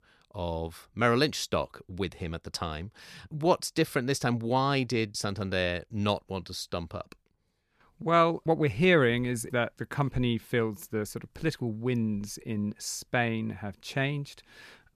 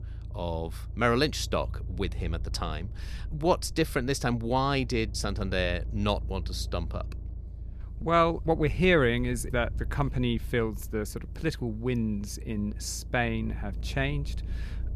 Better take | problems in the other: first | low rumble; faint; throughout; 25 dB below the speech

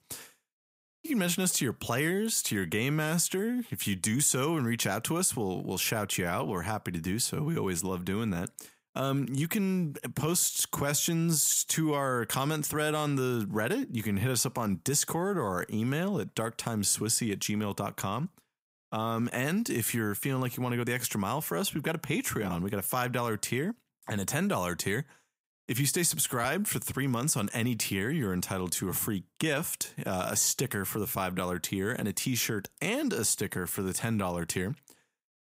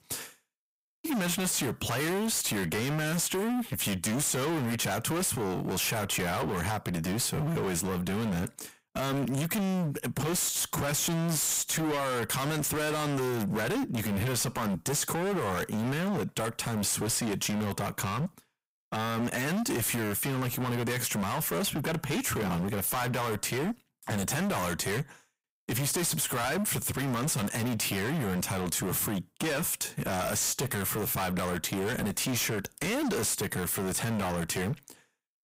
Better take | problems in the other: first | distortion; heavy; 35% of the sound clipped

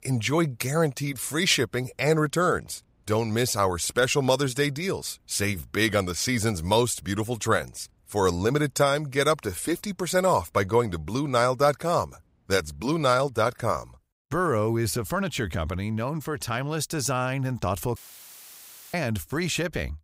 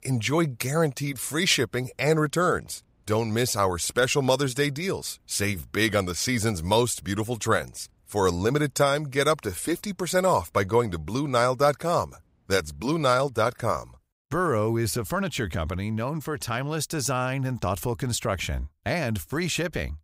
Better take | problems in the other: second | audio cutting out; filled with static; at 18 s for 1 s

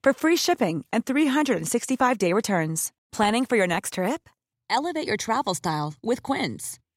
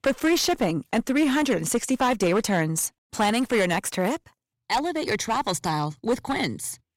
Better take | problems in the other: first | distortion; slight; 9% of the sound clipped

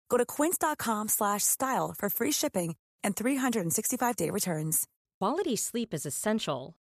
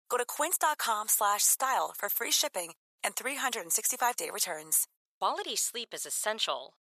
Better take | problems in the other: first | thin; very; fading below 850 Hz

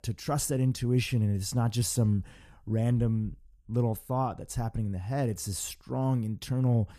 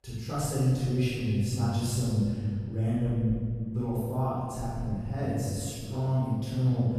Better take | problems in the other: first | off-mic speech; far // room echo; strong; dies away in 2 s

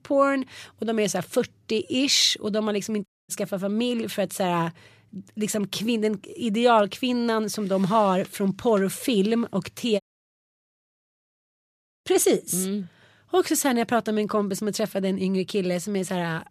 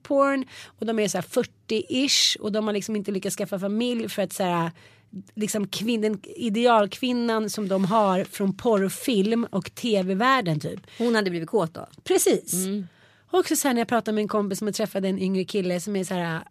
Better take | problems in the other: second | audio cutting out; at 3 s and at 10 s for 2 s

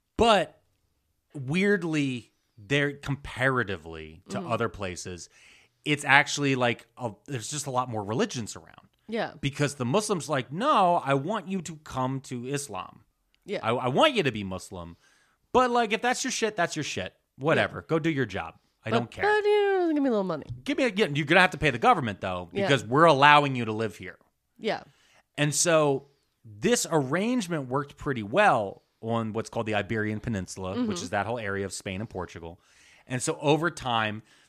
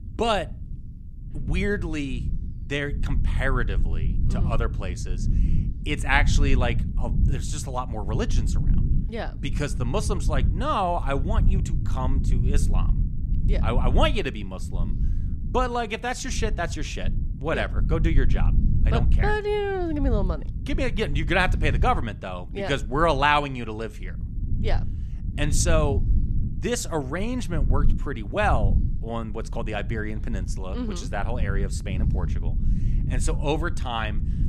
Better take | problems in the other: first | low rumble; noticeable; throughout; 15 dB below the speech

